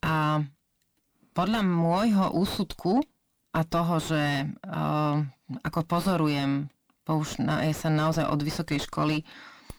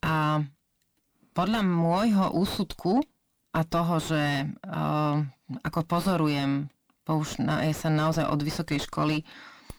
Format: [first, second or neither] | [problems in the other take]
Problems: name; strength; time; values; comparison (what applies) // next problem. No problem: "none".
neither | distortion; heavy; 6 dB below the speech; the same in both